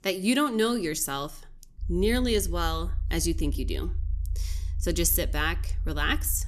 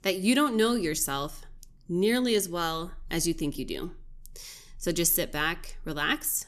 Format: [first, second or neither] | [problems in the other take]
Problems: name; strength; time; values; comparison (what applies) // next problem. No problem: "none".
second | low rumble; faint; from 2 s on; 25 dB below the speech